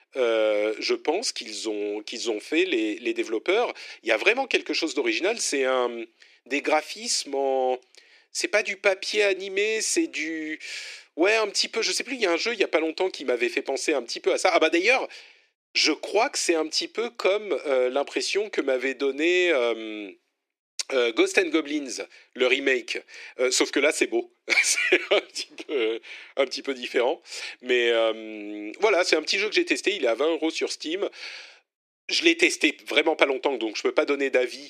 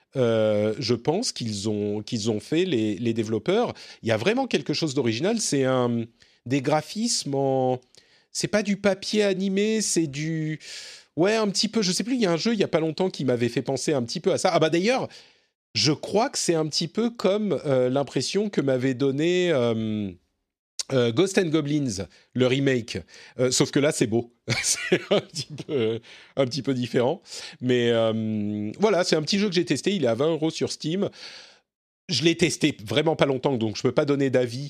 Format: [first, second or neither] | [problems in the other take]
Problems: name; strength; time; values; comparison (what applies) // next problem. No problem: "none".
second | thin; somewhat; fading below 300 Hz